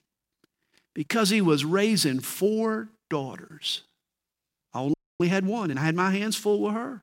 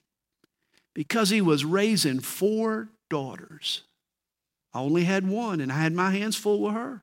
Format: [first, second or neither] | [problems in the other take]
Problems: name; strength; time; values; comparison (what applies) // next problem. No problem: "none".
second | audio freezing; at 5 s